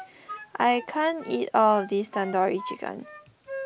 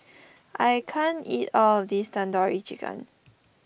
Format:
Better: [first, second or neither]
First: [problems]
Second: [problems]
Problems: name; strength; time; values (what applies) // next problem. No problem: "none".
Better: second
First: background sound (Wind instrument, woodwind instrument); 15 dB below the speech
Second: none